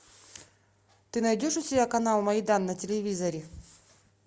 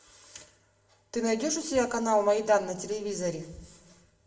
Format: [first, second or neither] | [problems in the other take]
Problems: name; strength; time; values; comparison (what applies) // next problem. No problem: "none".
first | room echo; dies away in 0.7 s